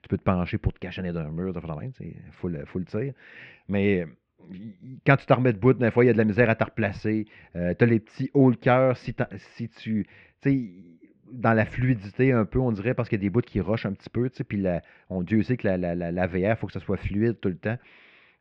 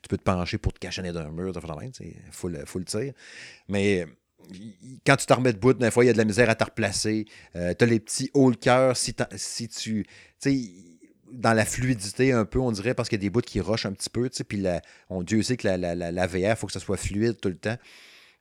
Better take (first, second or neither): second